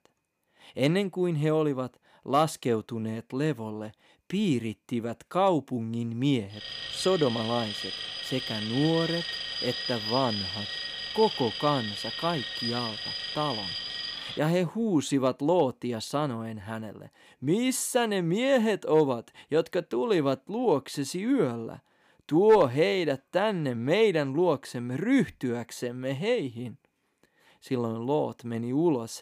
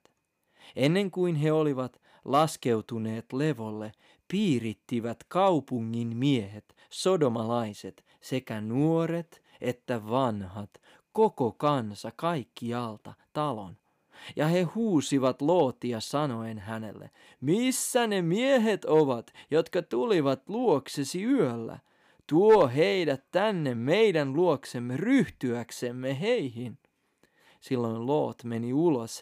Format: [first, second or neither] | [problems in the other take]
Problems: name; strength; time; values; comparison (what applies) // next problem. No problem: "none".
second | alarm; noticeable; from 6.5 to 14 s; peak 2 dB below the speech